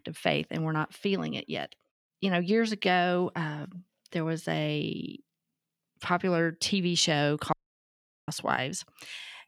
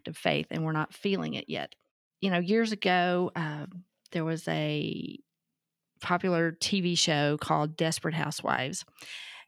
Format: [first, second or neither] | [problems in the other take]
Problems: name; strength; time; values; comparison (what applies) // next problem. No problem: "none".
second | audio cutting out; at 7.5 s for 0.5 s